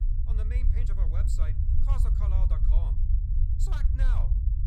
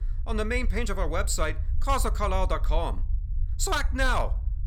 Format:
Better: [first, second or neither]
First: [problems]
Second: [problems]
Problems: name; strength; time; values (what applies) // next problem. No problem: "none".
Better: second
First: low rumble; loud; throughout; 1 dB below the speech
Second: low rumble; faint; throughout; 25 dB below the speech